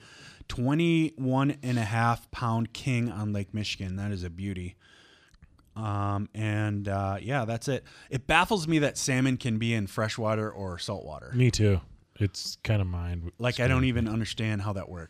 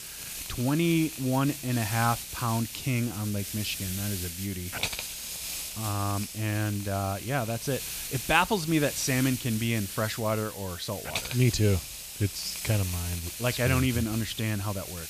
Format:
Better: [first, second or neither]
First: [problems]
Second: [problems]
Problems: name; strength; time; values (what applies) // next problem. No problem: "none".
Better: first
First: none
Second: hiss; loud; throughout; 6 dB below the speech